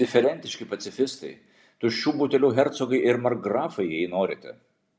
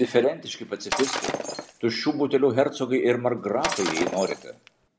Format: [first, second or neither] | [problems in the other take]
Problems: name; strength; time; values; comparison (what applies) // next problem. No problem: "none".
first | background sound (Shatter); 6 dB below the speech